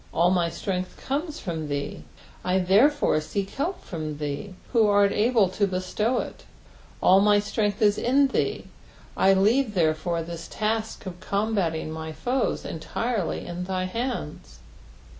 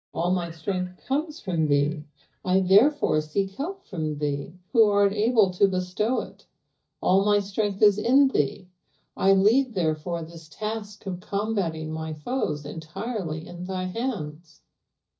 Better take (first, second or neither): first